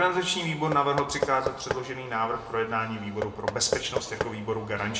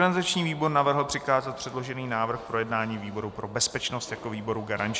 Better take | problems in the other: second | background sound (Knock / Wood); 7 dB below the speech // room echo; dies away in 0.6 s

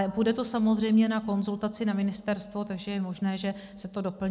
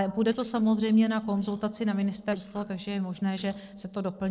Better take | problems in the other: first | noise reduction (neural separator model SepFormer DNS4)

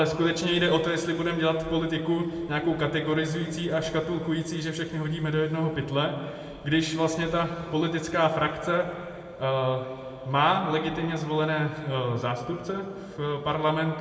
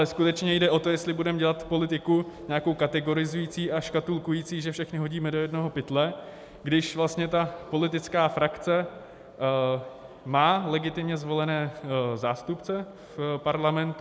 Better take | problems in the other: second | room echo; dies away in 2.1 s

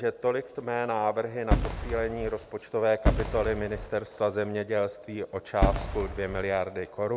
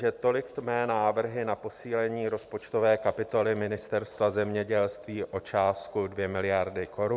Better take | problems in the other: second | background sound (Fireworks); 1 dB below the speech

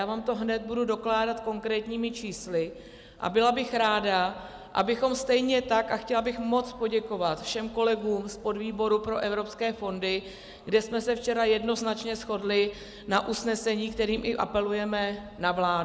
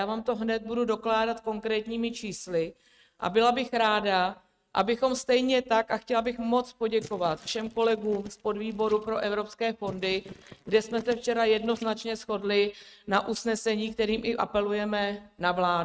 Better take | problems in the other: first | noise reduction (neural mask model RNNoise)

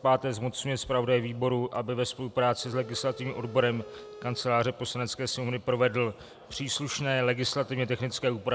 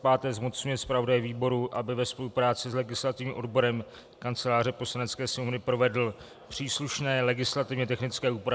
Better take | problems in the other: second | background sound (Telephone); 17 dB below the speech

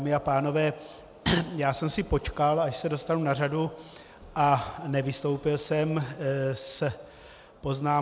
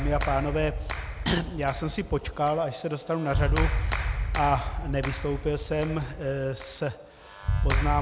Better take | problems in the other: first | background sound (Clapping); 1 dB below the speech

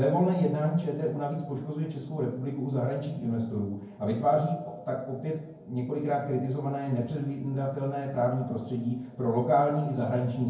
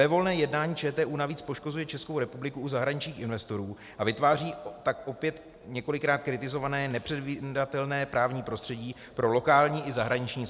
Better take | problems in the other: second | room echo; dies away in 0.9 s

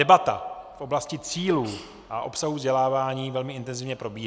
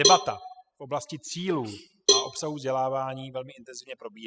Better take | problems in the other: first | noise reduction (classical method spectral subtraction)

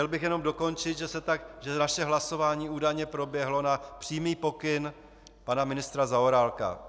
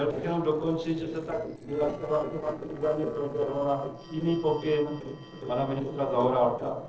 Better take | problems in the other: first | noise reduction (neural separator model SepFormer DNS4)

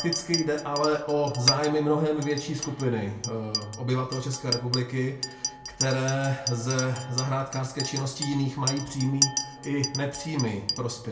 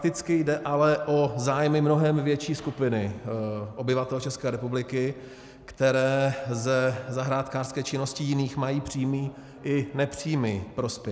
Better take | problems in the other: second | background sound (Chink, clink); 6 dB below the speech // room echo; dies away in 0.3 s

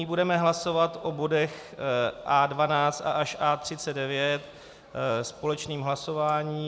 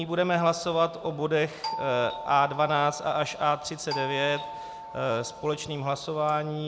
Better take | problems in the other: first | background sound (Doorbell); 11 dB below the speech

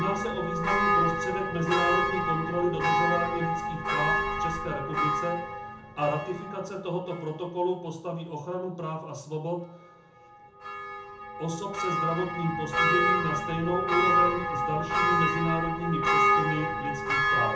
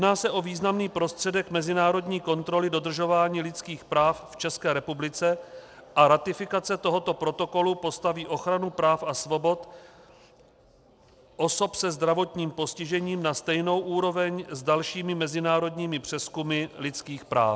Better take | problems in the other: second | background sound (Church bell); 4 dB above the speech // room echo; dies away in 0.6 s

